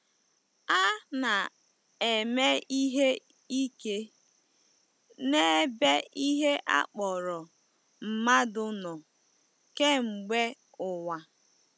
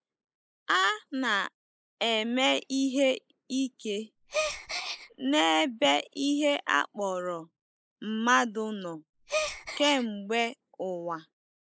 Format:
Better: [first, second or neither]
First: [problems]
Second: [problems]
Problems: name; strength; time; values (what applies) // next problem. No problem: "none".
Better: first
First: none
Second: noise reduction (neural mask model Resemble Enhance denoiser)